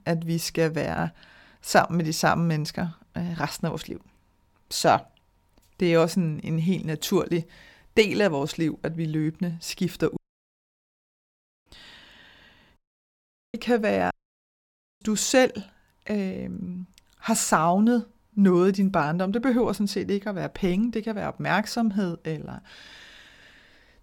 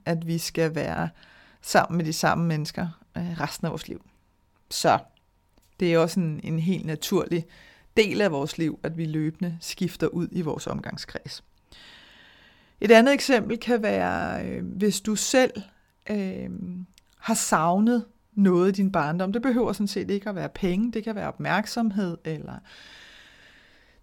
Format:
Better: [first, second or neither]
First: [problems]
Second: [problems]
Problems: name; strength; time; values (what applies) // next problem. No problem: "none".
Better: second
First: audio cutting out; at 10 s for 1.5 s, at 13 s for 1 s and at 14 s for 1 s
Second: none